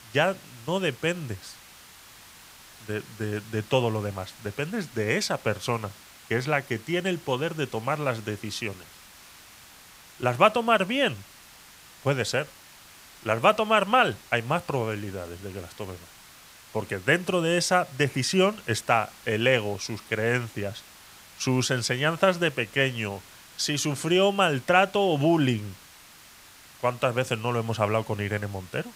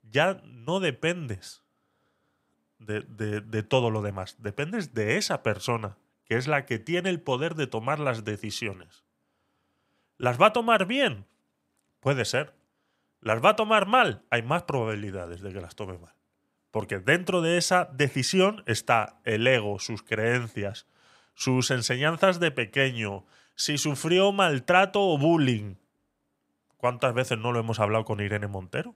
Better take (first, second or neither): second